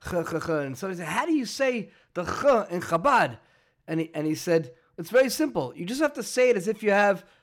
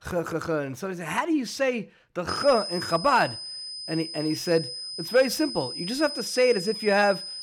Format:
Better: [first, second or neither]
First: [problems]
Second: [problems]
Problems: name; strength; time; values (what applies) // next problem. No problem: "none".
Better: first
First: none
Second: high-pitched whine; loud; from 2.5 s on; 5 kHz, 7 dB below the speech